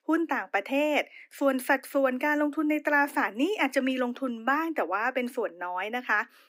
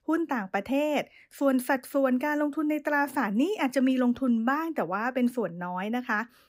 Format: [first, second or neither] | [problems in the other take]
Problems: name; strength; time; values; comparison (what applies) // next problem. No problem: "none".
second | thin; very slightly; fading below 300 Hz